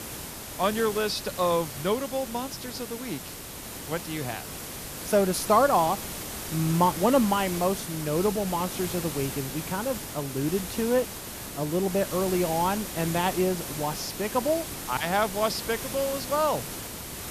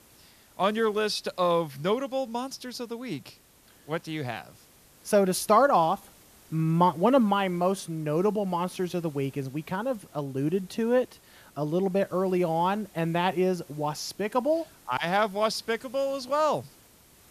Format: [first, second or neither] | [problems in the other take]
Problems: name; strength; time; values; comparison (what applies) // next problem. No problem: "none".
second | hiss; loud; throughout; 7 dB below the speech; faint in the second